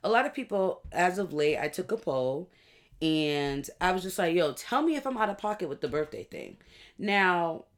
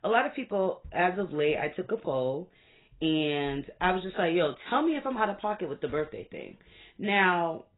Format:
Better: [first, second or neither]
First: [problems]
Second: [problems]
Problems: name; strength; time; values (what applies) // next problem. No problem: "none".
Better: first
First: none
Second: garbled, watery; badly; nothing above 4 kHz